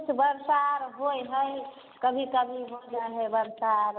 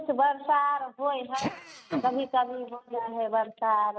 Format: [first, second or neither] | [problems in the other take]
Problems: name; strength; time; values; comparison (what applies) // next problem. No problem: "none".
first | noise reduction (neural mask model RNNoise)